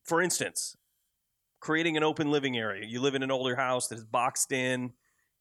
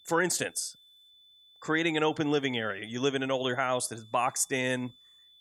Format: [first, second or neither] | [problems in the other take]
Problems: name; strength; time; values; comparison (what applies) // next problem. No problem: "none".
first | high-pitched whine; faint; throughout; 3.5 kHz, 25 dB below the speech